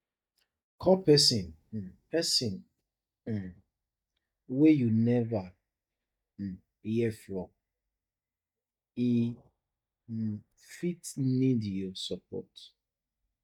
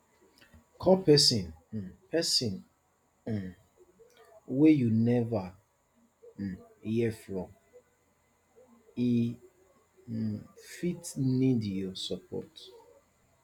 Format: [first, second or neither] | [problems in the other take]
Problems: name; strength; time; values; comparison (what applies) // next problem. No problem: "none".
second | noise reduction (neural mask model DeepFilterNet 3)